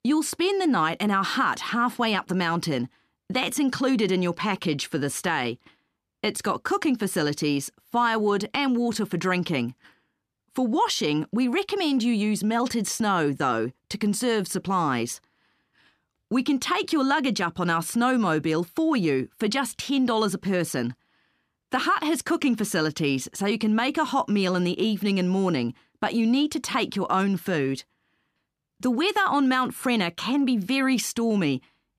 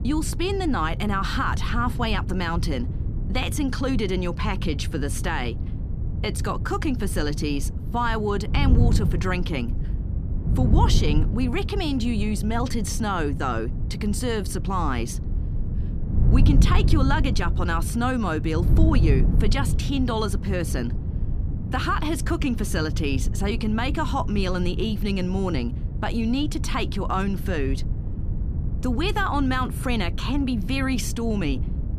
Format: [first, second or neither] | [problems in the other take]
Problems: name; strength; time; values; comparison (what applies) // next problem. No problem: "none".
first | wind noise on the microphone; occasional gusts; 10 dB below the speech